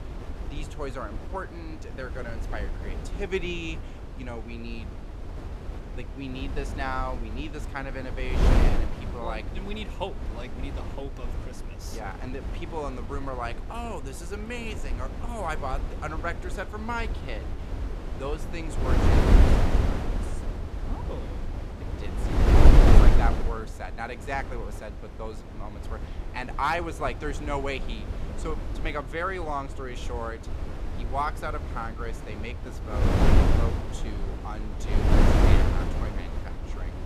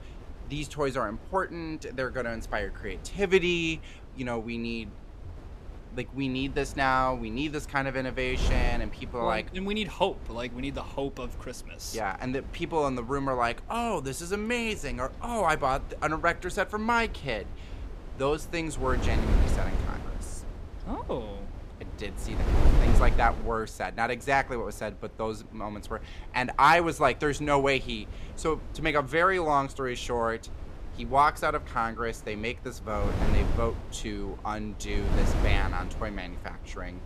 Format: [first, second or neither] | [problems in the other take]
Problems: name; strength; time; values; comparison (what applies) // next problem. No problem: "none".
second | wind noise on the microphone; heavy; 1 dB below the speech; occasional gusts in the second